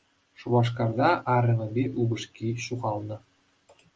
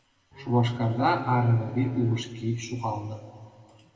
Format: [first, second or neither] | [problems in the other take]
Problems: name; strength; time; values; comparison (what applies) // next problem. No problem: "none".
first | background sound (Bowed string instrument); 17 dB below the speech // room echo; dies away in 1.8 s